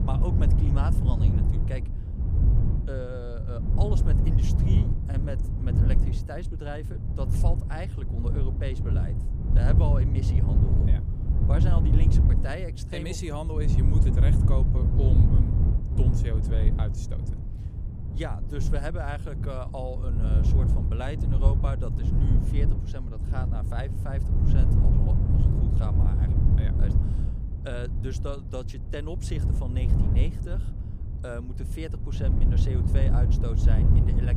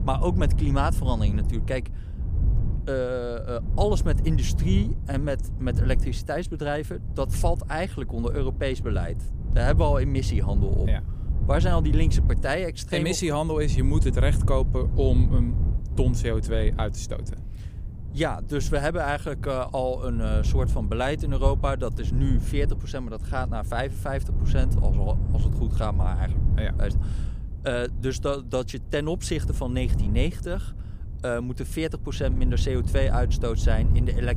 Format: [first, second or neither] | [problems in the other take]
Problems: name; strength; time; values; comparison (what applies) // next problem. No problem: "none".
second | wind noise on the microphone; heavy; as loud as the speech; occasional gusts in the second